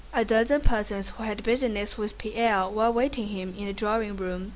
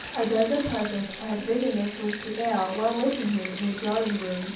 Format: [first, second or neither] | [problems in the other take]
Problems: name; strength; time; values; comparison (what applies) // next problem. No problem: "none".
first | background sound (Sink (filling or washing)); 11 dB below the speech // room echo; dies away in 0.7 s